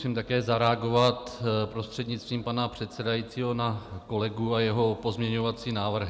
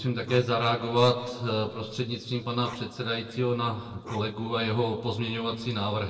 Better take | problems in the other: first | noise reduction (neural separator model SepFormer DNS4)

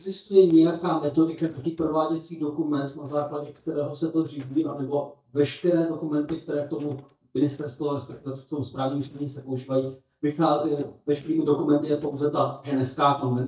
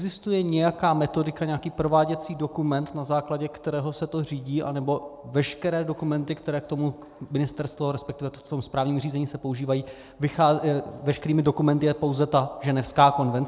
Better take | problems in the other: second | noise reduction (neural mask model DeepFilterNet 3)

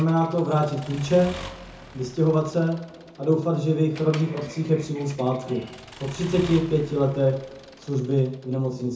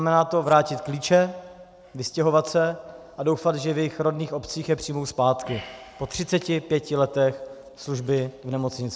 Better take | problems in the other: second | background sound (Accelerating, revving, vroom / Mechanisms); 19 dB below the speech // room echo; dies away in 0.6 s

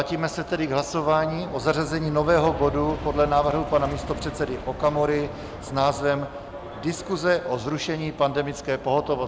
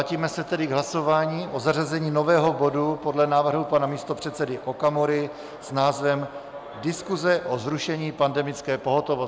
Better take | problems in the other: second | background sound (Aircraft); 13 dB below the speech

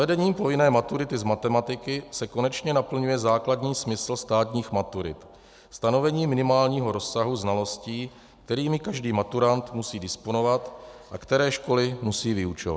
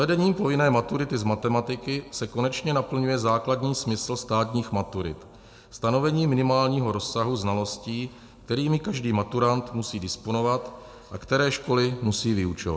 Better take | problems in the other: first | room echo; dies away in 1 s

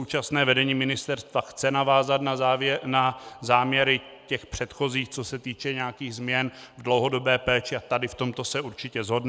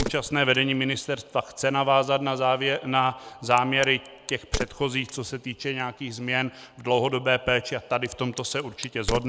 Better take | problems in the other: first | background sound (Crack); 13 dB below the speech

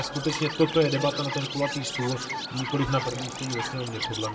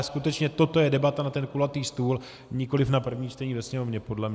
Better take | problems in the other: second | background sound (Chirp, tweet); 6 dB below the speech // room echo; dies away in 1.7 s

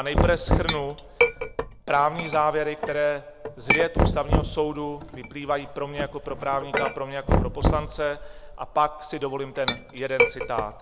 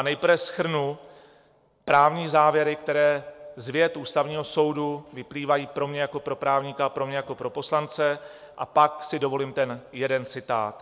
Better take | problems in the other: second | background sound (Chink, clink + Knock); 1 dB above the speech

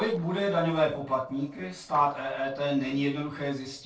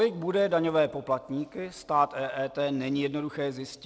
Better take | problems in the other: second | noise reduction (neural separator model SepFormer DNS4)

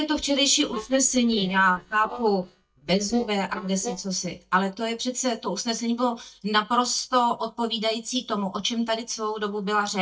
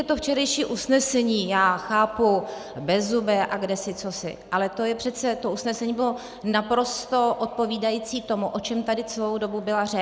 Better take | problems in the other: second | noise reduction (neural mask model DeepFilterNet 3)

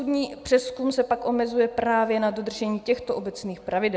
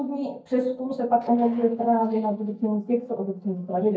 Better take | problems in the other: first | noise reduction (neural mask model DeepFilterNet 3)

